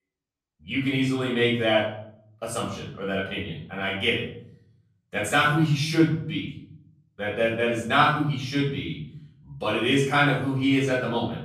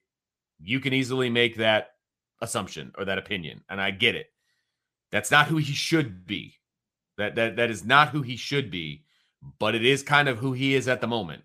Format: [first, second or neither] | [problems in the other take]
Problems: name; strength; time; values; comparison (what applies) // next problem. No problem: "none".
second | off-mic speech; far // room echo; noticeable; dies away in 0.7 s